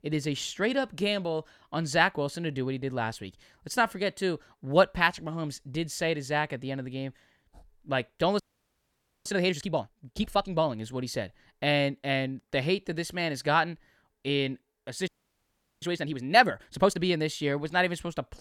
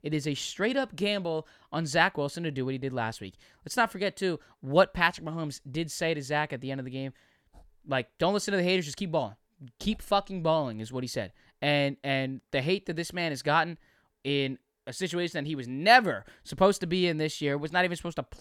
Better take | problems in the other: second | audio freezing; at 8.5 s for 1 s and at 15 s for 0.5 s

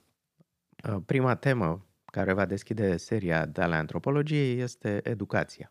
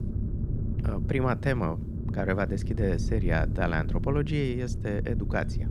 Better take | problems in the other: first | low rumble; noticeable; throughout; 10 dB below the speech

